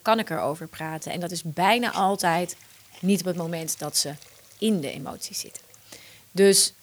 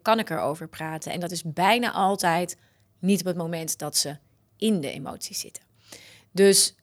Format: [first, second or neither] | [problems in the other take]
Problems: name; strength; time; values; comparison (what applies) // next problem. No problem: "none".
second | hiss; faint; throughout; 25 dB below the speech